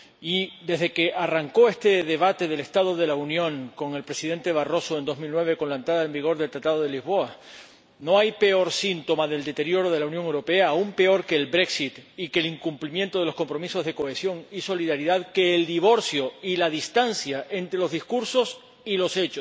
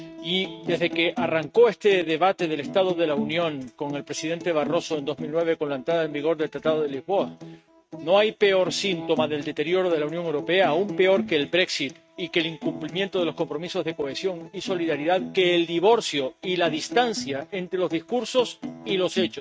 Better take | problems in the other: first | noise reduction (neural mask model RNNoise)

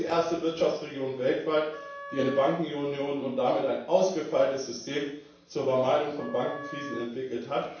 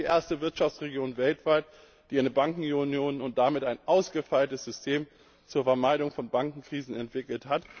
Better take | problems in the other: second | background sound (Wind instrument, woodwind instrument); 14 dB below the speech // room echo; dies away in 0.7 s

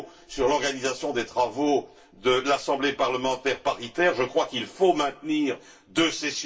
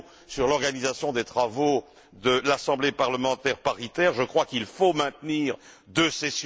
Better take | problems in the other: second | room echo; dies away in 0.2 s

